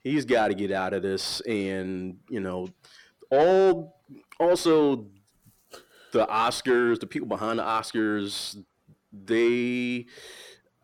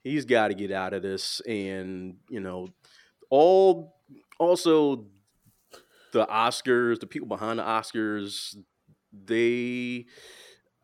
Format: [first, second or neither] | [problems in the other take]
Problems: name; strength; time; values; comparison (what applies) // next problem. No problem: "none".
second | distortion; slight; 10 dB below the speech